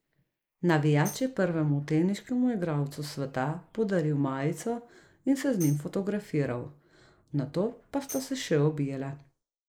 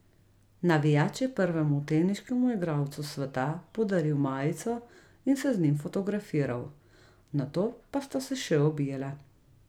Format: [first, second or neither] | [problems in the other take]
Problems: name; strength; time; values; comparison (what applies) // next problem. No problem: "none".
second | noise reduction (neural mask model Resemble Enhance denoiser)